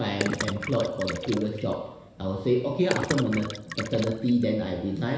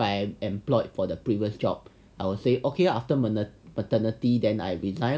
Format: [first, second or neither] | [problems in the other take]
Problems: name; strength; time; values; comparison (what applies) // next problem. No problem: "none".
second | background sound (Gurgling); 8 dB below the speech // room echo; dies away in 1.1 s